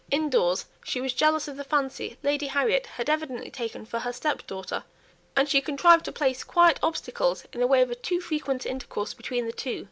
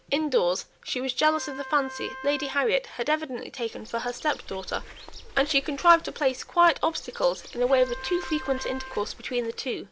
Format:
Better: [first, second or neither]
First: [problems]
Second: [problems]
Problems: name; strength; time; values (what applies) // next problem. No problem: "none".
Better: first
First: none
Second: background sound (Wind instrument, woodwind instrument + Bird); 15 dB below the speech